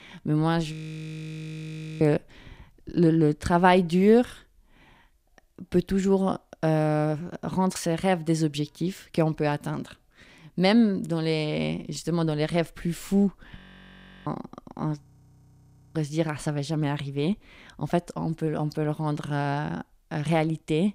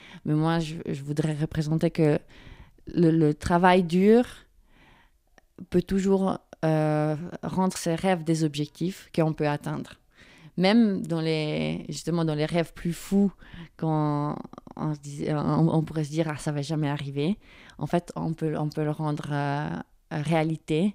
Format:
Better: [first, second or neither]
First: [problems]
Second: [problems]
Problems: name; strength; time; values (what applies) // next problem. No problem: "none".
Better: second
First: audio freezing; at 0.5 s for 1.5 s, at 14 s for 0.5 s and at 15 s for 1 s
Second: none